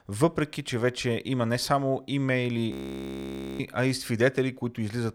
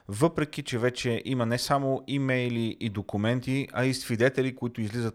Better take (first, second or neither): second